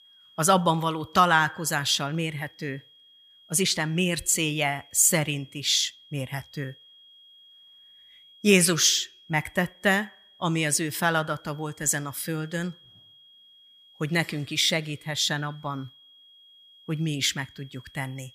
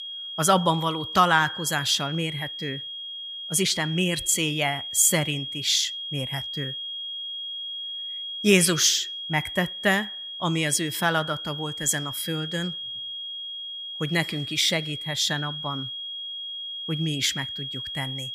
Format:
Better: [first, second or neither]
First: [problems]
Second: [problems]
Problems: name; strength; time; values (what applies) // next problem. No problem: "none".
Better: first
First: high-pitched whine; faint; throughout; 3.5 kHz, 25 dB below the speech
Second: high-pitched whine; loud; throughout; 3.5 kHz, 8 dB below the speech